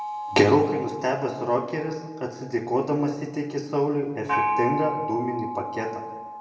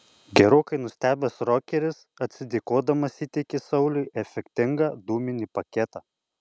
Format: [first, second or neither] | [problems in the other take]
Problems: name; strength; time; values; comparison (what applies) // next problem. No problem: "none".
second | background sound (Gong); 7 dB below the speech // room echo; dies away in 1 s